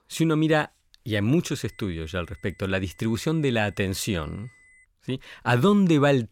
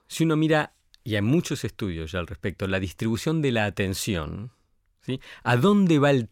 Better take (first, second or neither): second